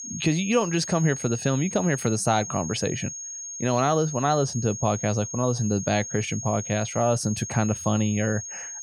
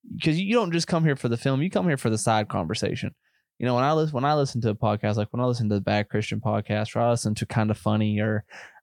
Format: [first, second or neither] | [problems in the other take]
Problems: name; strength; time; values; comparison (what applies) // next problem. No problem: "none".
second | high-pitched whine; loud; throughout; 6.5 kHz, 8 dB below the speech